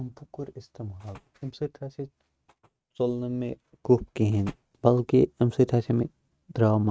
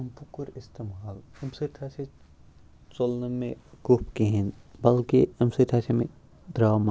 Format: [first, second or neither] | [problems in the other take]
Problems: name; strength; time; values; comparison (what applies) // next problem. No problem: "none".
second | noise reduction (neural mask model RNNoise)